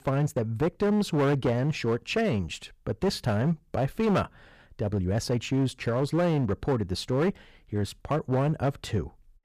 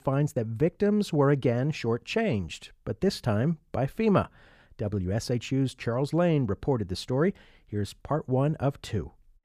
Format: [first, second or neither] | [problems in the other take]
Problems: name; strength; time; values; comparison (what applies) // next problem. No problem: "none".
second | distortion; slight; 9% of the sound clipped